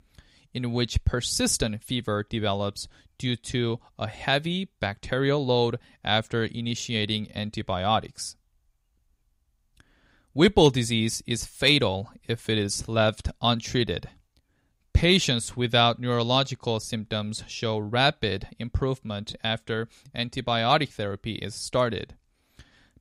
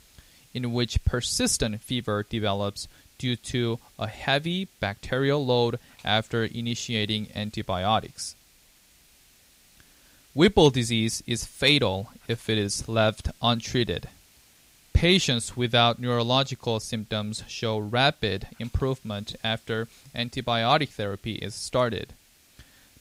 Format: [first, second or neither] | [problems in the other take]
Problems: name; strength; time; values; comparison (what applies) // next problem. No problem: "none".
first | hiss; faint; throughout; 30 dB below the speech